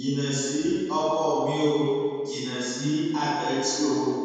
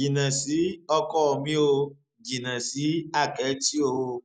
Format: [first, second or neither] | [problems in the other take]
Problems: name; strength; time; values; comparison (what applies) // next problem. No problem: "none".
second | room echo; dies away in 2 s